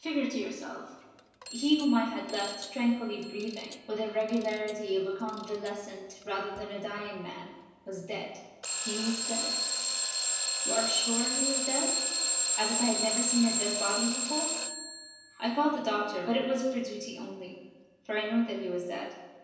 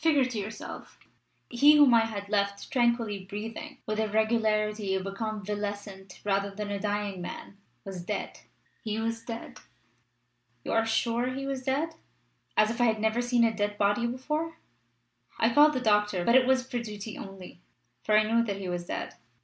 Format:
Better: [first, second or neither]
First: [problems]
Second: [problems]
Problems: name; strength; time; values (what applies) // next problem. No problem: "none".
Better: second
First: background sound (Alarm / Clock); 1 dB below the speech // room echo; dies away in 1 s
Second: none